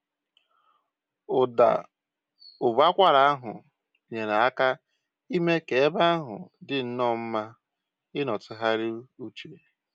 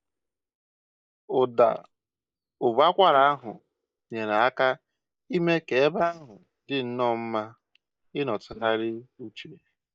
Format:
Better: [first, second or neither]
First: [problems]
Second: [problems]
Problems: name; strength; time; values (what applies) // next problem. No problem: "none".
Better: first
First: none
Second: noise reduction (neural mask model DeepFilterNet 3)